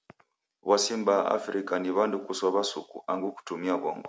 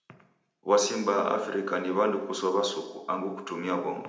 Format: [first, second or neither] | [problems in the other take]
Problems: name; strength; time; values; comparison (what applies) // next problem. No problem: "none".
first | room echo; dies away in 0.8 s